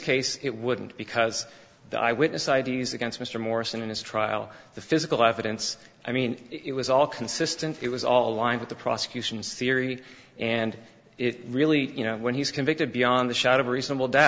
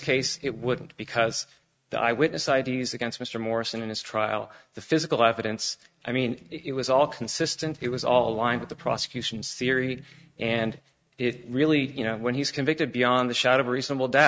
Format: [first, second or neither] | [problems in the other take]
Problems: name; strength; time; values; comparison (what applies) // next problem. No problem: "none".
first | noise reduction (neural mask model RNNoise)